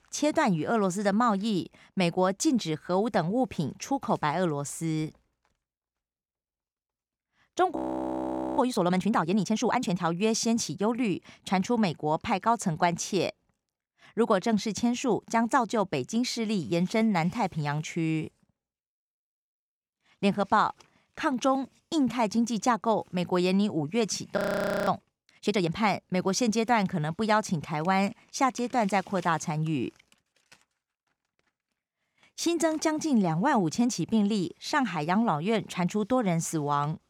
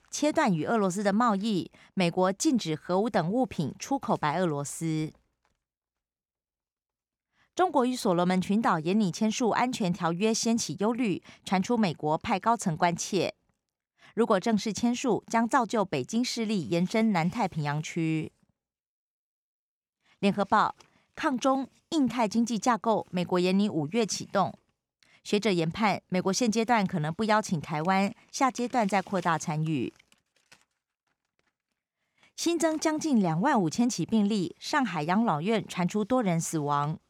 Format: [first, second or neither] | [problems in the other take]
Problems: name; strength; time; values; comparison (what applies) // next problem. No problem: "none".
second | audio freezing; at 8 s for 1 s and at 24 s